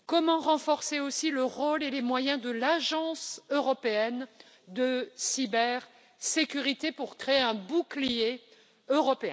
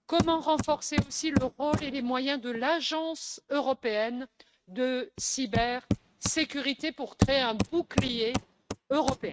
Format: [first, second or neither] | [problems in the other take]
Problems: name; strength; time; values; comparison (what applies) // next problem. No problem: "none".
first | noise reduction (neural mask model RNNoise)